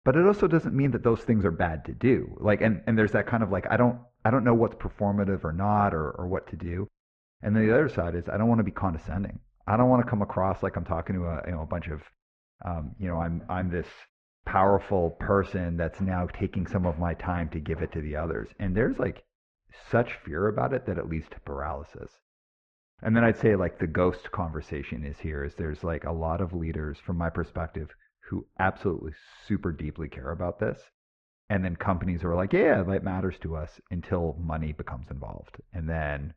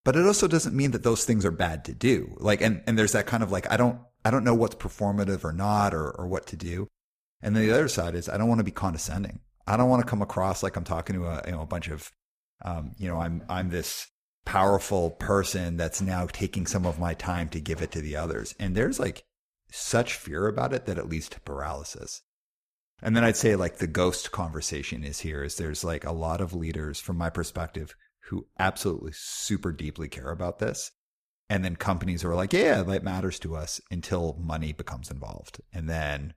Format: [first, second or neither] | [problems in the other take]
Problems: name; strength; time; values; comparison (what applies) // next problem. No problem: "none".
second | muffled; very; fading above 2 kHz